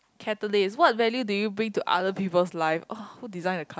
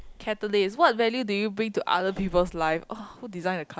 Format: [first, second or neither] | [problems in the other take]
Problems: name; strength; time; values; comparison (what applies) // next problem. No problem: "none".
first | background sound (Breathing); 19 dB below the speech